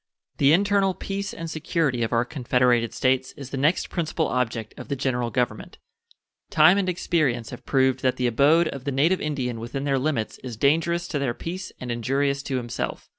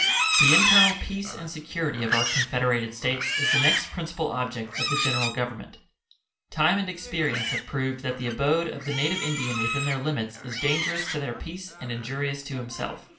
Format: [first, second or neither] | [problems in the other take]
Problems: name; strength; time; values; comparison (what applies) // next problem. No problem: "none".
first | background sound (Livestock, farm animals, working animals); as loud as the speech // room echo; dies away in 0.4 s